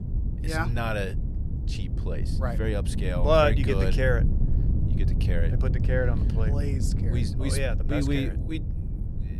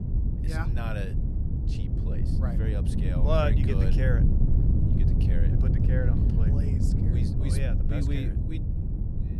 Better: first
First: wind noise on the microphone; occasional gusts; 10 dB below the speech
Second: wind noise on the microphone; heavy; 3 dB below the speech

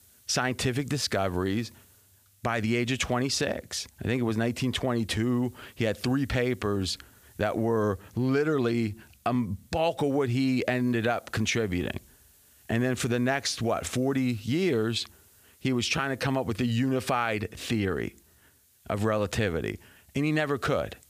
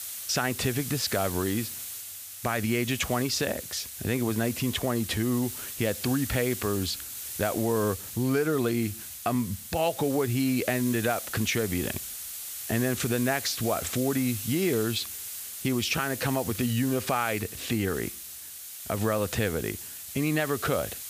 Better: first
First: hiss; faint; throughout; 30 dB below the speech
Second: hiss; loud; throughout; 7 dB below the speech

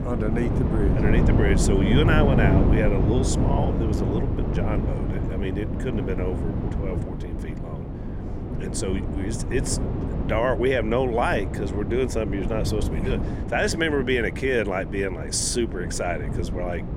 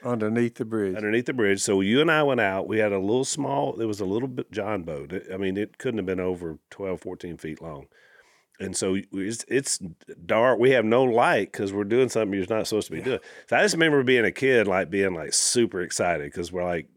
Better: second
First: wind noise on the microphone; heavy; 6 dB below the speech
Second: none

